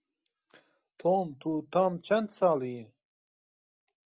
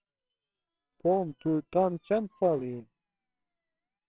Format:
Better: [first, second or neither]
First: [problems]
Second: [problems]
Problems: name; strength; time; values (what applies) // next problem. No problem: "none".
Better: first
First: none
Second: noise reduction (neural separator model SepFormer WHAMR!)